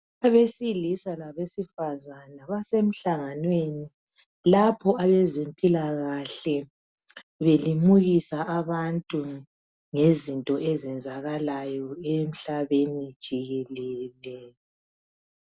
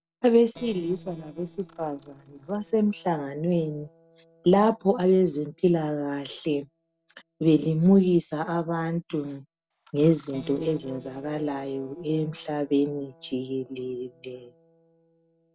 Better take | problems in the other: first | noise reduction (neural separator model SepFormer DNS4)

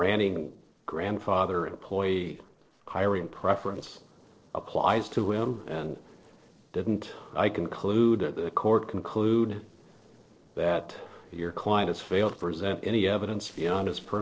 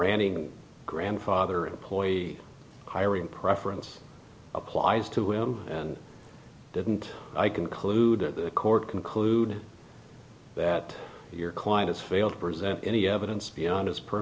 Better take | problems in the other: second | noise reduction (neural separator model SepFormer DNS4)

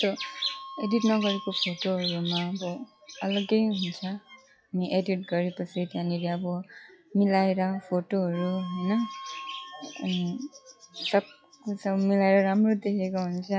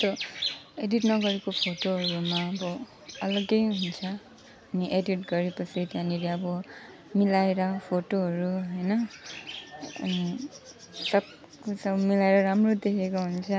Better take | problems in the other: second | noise reduction (classical method log-MMSE)

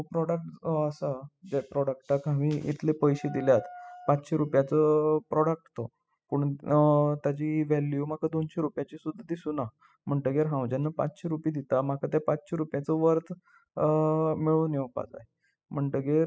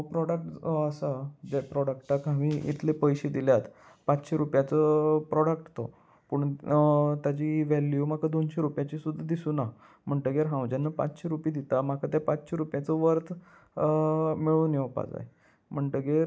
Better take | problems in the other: second | noise reduction (classical method spectral subtraction)

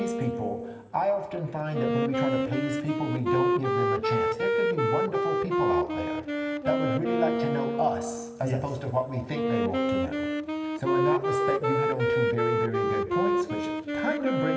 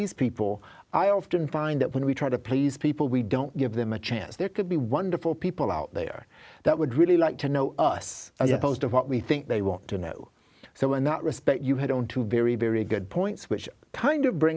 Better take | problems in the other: second | background sound (Wind instrument, woodwind instrument); 4 dB above the speech // room echo; dies away in 2.1 s

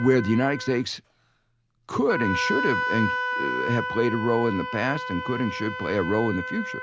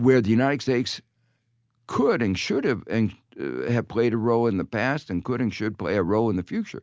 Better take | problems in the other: second | background sound (Wind instrument, woodwind instrument); 5 dB below the speech

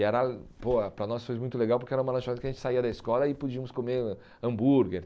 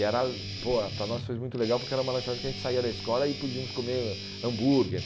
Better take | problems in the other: first | background sound (Guitar); 8 dB below the speech

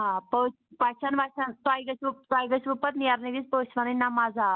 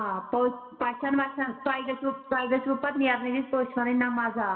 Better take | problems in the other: first | room echo; dies away in 1.4 s

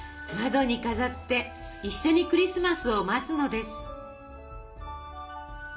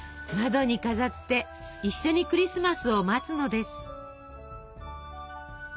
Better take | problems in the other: second | room echo; dies away in 1.8 s

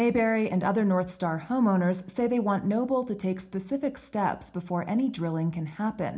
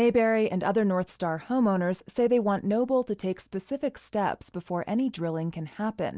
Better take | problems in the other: second | room echo; dies away in 0.4 s

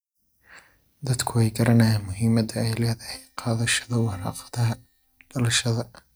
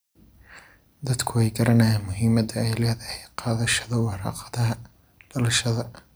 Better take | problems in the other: second | noise reduction (neural mask model DeepFilterNet 3)

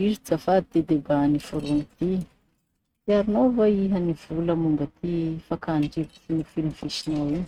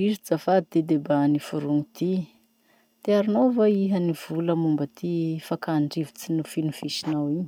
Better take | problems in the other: second | noise reduction (neural mask model RNNoise)

